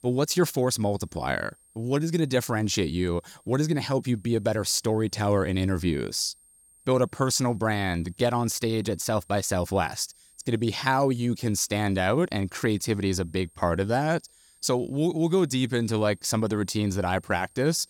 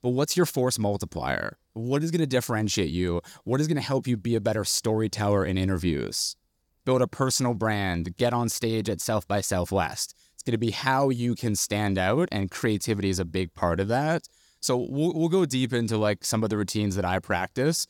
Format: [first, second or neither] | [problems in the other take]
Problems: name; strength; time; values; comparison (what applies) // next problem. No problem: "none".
second | high-pitched whine; faint; throughout; 8.5 kHz, 30 dB below the speech